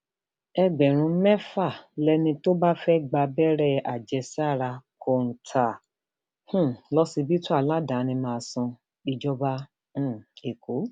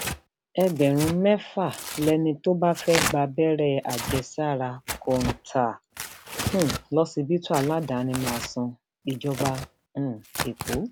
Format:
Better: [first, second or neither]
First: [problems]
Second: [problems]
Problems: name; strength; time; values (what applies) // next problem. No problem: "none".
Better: first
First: none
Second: background sound (Tearing); 9 dB below the speech